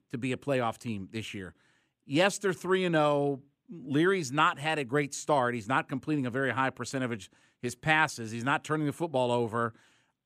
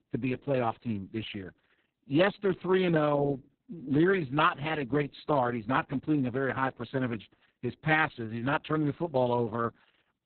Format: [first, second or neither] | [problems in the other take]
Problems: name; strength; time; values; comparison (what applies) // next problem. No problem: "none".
first | garbled, watery; badly; nothing above 4 kHz